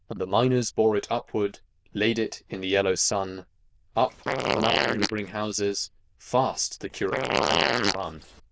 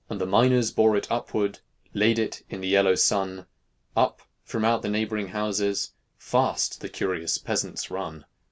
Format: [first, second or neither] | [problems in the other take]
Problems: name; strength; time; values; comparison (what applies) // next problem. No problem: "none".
second | noise reduction (neural diffusion model UNIVERSE++)